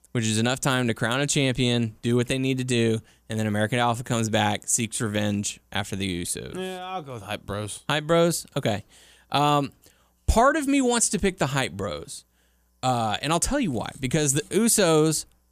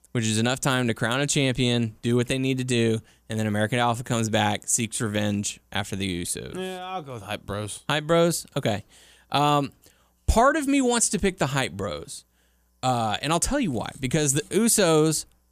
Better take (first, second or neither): neither